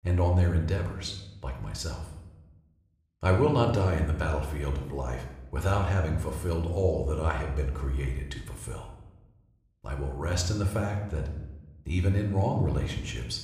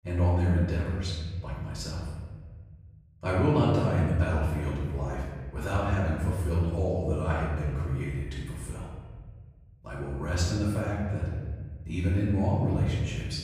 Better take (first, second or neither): first